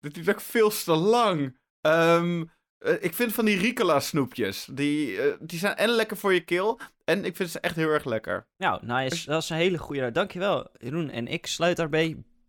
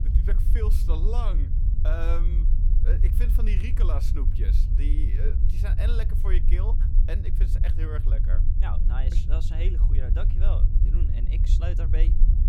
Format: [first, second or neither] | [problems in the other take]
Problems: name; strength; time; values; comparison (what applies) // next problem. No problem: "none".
first | low rumble; loud; throughout; 4 dB below the speech